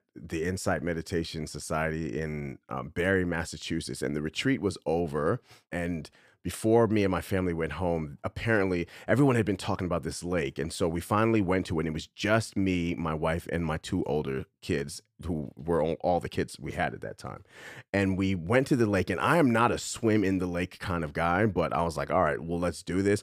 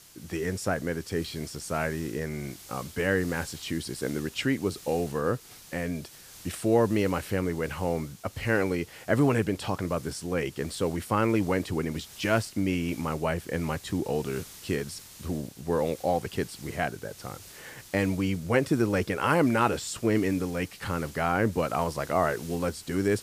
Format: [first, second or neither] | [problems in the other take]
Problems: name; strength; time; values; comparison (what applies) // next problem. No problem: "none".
first | hiss; noticeable; throughout; 20 dB below the speech